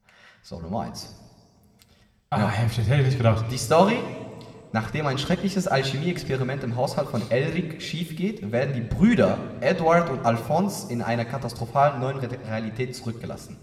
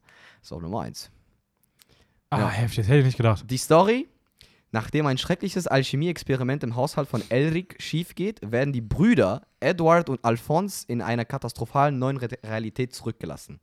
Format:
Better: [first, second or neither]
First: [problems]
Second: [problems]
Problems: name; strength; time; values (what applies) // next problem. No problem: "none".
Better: second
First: room echo; slight; dies away in 1.6 s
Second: none